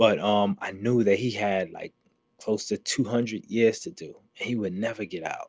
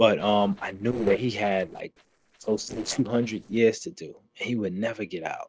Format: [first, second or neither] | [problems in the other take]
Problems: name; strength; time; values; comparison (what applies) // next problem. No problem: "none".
first | noise reduction (neural separator model SepFormer DNS4)